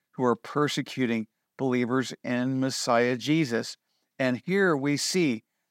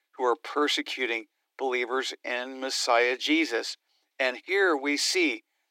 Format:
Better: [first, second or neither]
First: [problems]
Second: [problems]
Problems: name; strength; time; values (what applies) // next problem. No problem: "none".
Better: first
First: none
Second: thin; somewhat; fading below 300 Hz